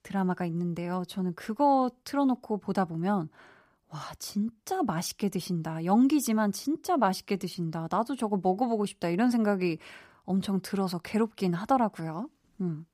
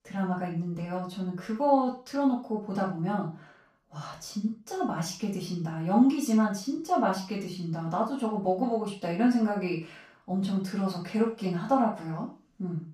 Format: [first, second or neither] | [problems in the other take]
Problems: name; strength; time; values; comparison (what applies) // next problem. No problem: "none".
first | room echo; noticeable; dies away in 0.3 s // off-mic speech; far